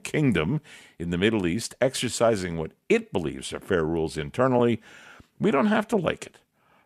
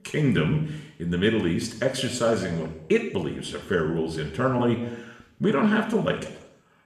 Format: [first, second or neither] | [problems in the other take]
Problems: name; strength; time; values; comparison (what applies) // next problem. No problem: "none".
first | room echo; slight; dies away in 0.8 s // off-mic speech; somewhat distant